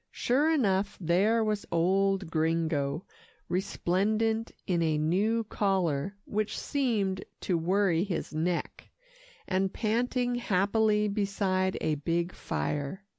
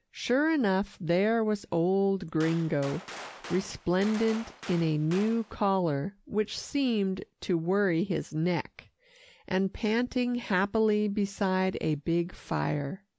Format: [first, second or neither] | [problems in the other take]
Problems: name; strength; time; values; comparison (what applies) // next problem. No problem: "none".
first | background sound (Gunshot, gunfire); 16 dB below the speech